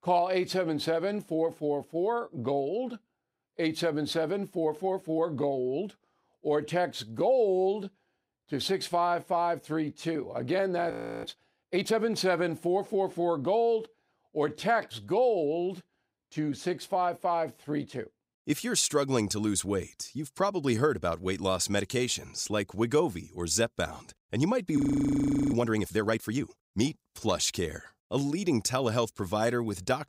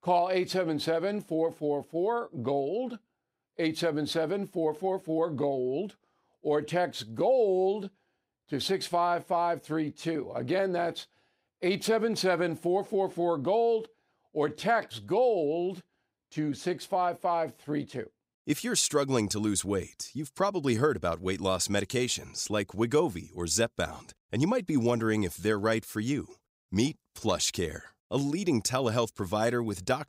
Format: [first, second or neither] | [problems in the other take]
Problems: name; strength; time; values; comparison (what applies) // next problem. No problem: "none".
second | audio freezing; at 11 s and at 25 s for 0.5 s